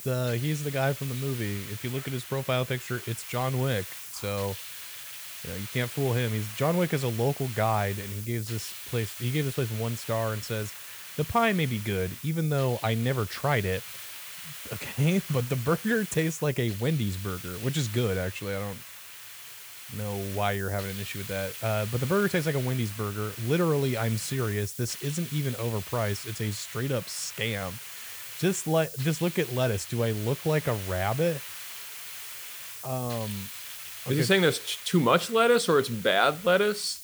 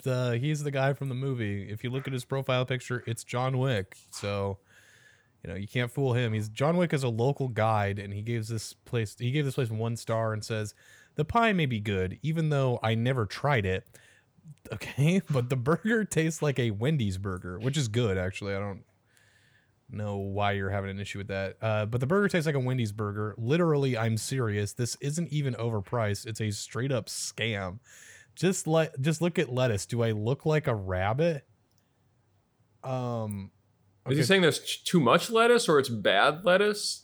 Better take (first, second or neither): second